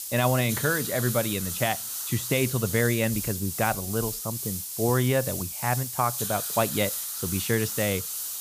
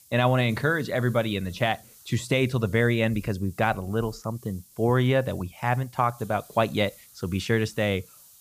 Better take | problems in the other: second | hiss; loud; throughout; 3 dB below the speech; faint in the second

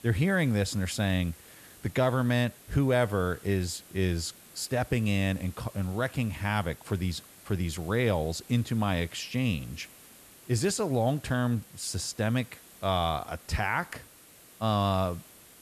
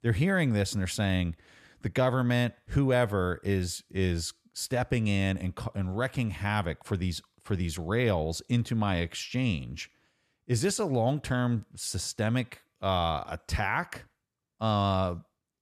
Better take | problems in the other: second | hiss; faint; throughout; 20 dB below the speech

